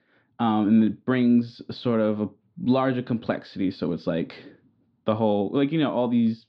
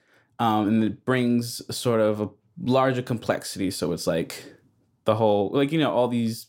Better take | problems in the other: second | muffled; slightly; fading above 4 kHz

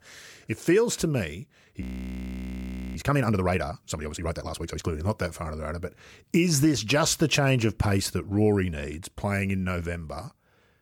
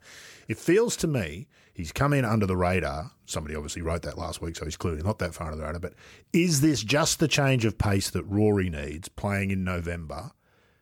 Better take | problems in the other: second | audio freezing; at 2 s for 1 s

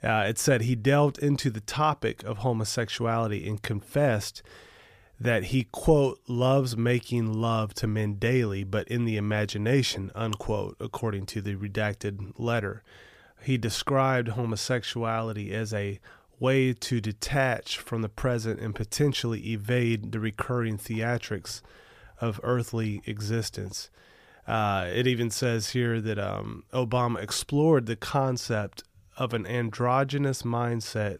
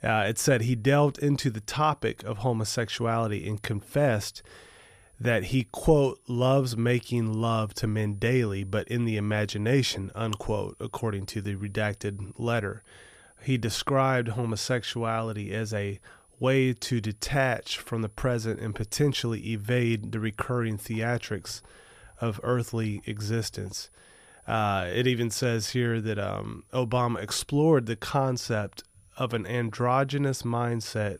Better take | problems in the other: first | high-pitched whine; faint; throughout; 10 kHz, 30 dB below the speech

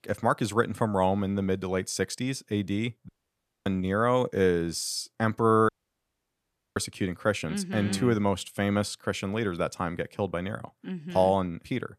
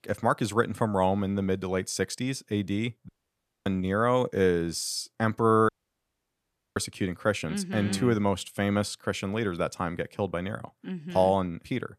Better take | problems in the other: neither | audio cutting out; at 3 s for 0.5 s and at 5.5 s for 1 s; the same in both

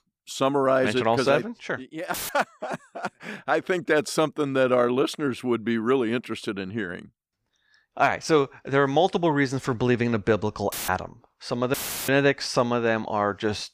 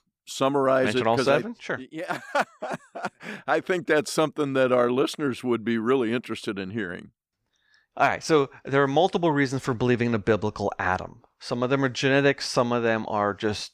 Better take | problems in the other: second | audio cutting out; filled with static; at 2 s, at 11 s and at 12 s

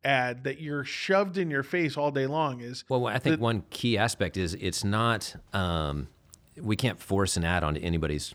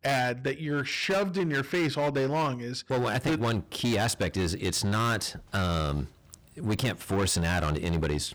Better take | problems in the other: first | distortion; heavy; 17% of the sound clipped

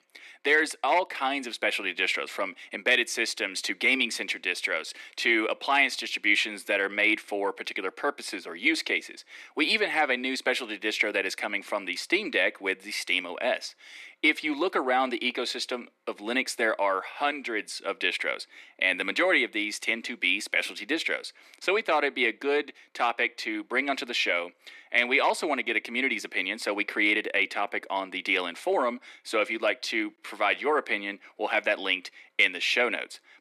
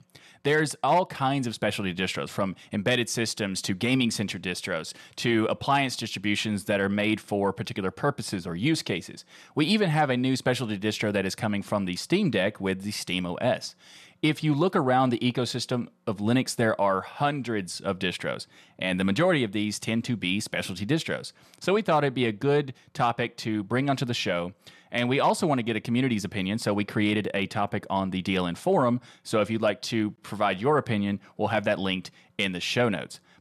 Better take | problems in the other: second | thin; somewhat; fading below 300 Hz

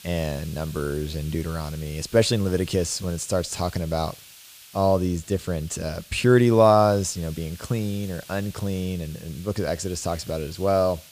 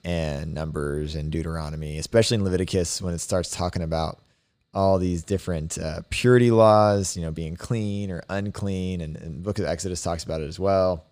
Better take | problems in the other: second | hiss; noticeable; throughout; 20 dB below the speech

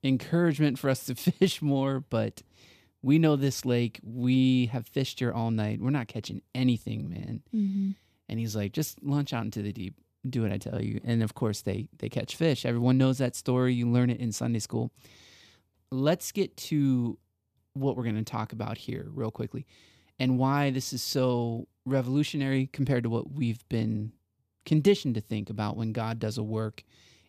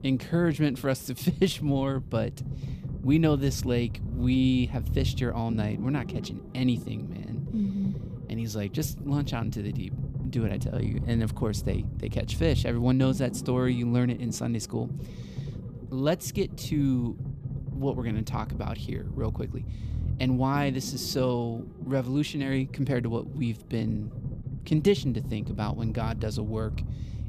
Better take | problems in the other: first | low rumble; noticeable; throughout; 15 dB below the speech

